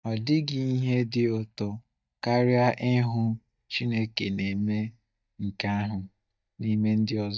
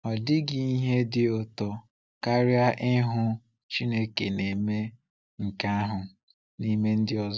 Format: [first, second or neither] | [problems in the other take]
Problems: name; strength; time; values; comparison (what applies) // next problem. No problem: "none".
second | noise reduction (neural mask model DeepFilterNet 3)